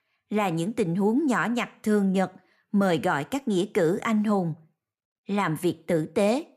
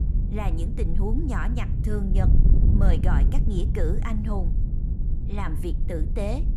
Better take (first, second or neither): first